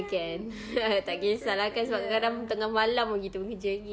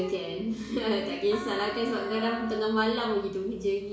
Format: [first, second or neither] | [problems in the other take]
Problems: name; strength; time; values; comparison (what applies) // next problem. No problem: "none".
first | background sound (Trumpet); 13 dB below the speech // room echo; dies away in 0.6 s